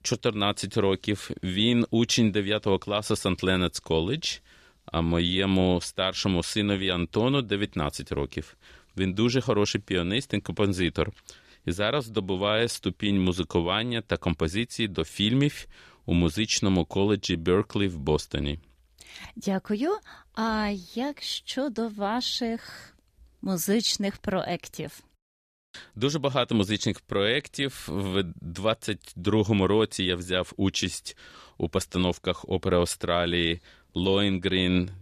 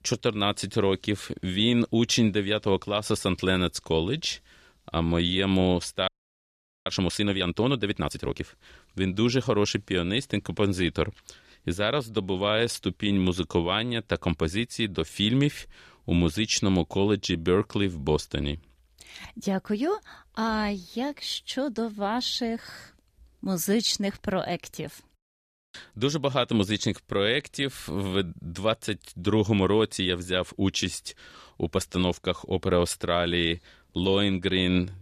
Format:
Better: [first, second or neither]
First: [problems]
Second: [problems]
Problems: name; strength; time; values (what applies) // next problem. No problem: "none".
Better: first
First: none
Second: audio freezing; at 6 s for 1 s